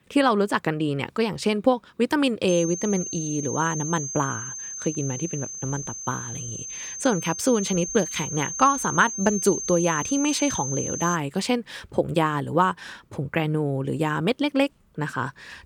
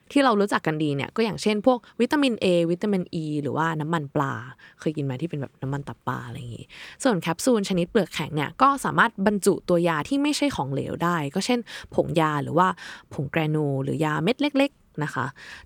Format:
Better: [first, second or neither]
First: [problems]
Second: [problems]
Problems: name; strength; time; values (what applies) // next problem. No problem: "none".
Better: second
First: high-pitched whine; loud; from 2.5 to 11 s; 6.5 kHz, 6 dB below the speech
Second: none